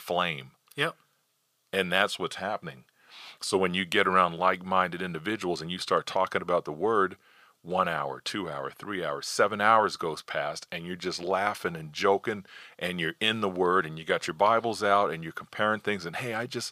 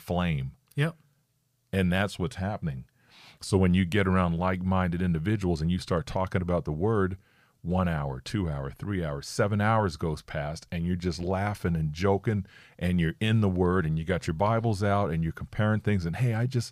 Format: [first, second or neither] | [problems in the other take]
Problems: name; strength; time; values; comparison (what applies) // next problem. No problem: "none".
second | thin; very; fading below 400 Hz